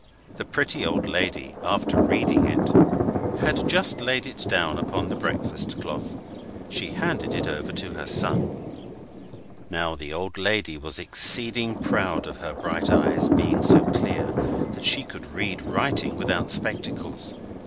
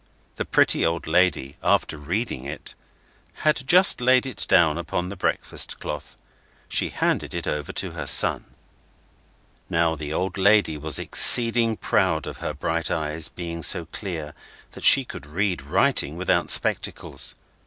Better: second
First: background sound (Thunder); 4 dB above the speech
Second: none

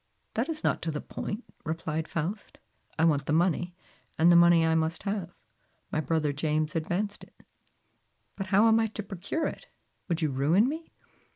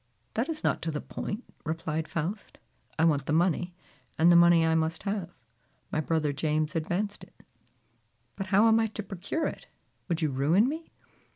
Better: second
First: noise reduction (neural mask model Resemble Enhance denoiser)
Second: none

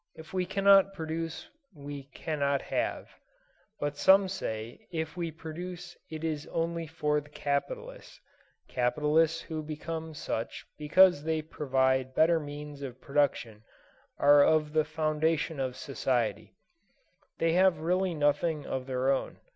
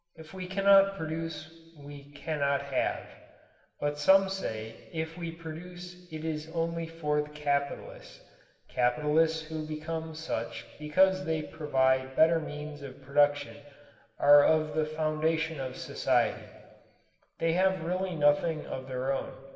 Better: first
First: none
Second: room echo; dies away in 1.4 s

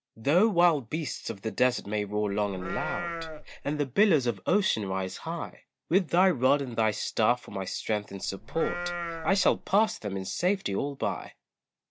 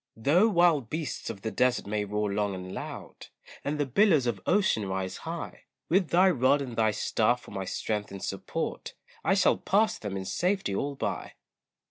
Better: second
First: background sound (Livestock, farm animals, working animals); 8 dB below the speech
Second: none

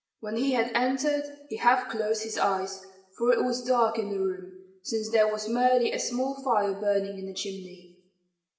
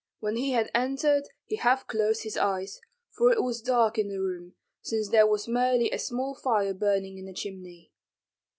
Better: second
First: room echo; dies away in 0.8 s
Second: none

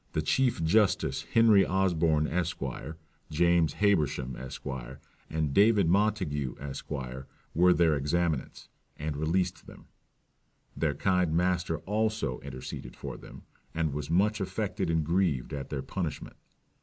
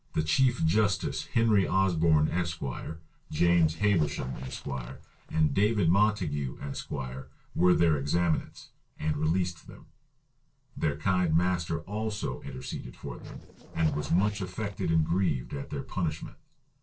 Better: first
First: none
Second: noise reduction (neural separator model SepFormer DNS4)

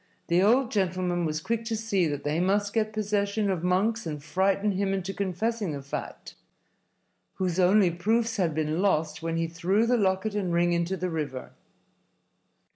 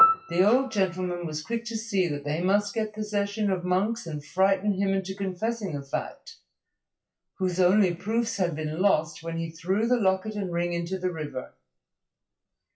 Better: first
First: none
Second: noise reduction (classical method WPE with log-MMSE)

